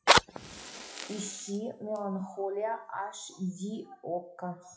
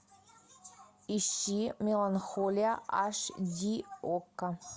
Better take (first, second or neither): second